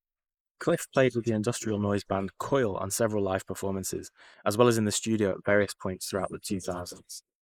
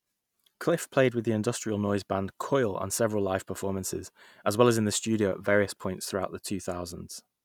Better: second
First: noise reduction (neural mask model Resemble Enhance denoiser)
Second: none

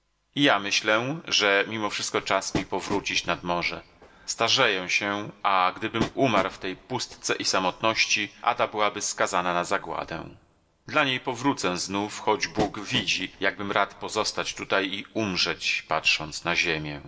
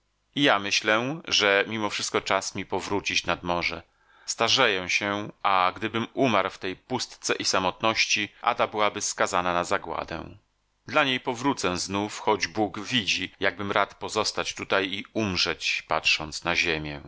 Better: second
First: background sound (Train); 12 dB below the speech // room echo; dies away in 0.3 s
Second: none

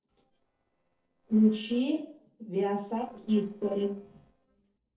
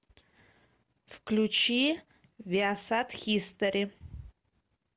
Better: second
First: noise reduction (neural separator model SepFormer DNS4)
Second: none

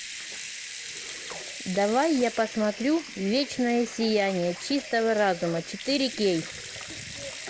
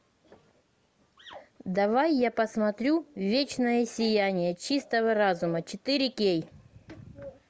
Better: second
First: background sound (Sink (filling or washing) / Water tap, faucet / Liquid); 12 dB below the speech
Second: none

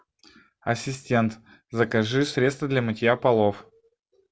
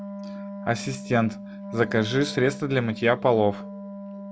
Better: first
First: none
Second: background sound (Wind instrument, woodwind instrument); 11 dB below the speech

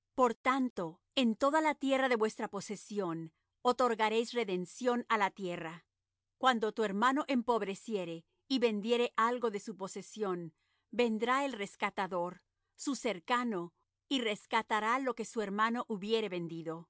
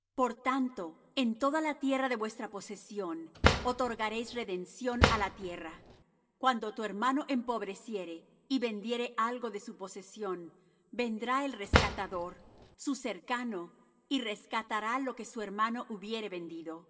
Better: first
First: none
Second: background sound (Drawer open or close); 3 dB above the speech // room echo; dies away in 0.4 s

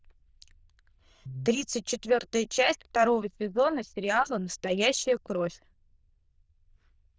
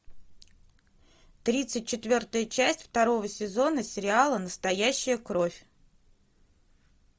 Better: second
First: noise reduction (neural diffusion model UNIVERSE++)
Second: none

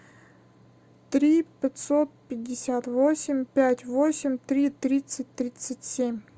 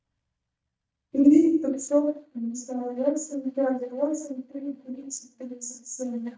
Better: first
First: none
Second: noise reduction (neural mask model DeepFilterNet 3)

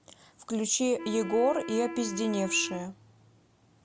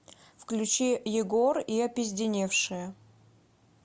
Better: second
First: background sound (Wind instrument, woodwind instrument); 10 dB below the speech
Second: none

